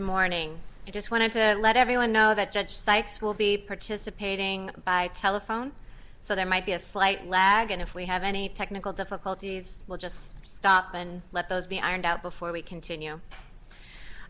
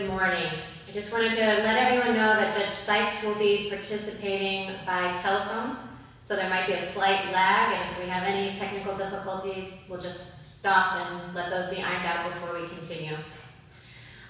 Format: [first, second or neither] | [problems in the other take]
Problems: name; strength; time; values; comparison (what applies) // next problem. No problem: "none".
first | room echo; dies away in 1.1 s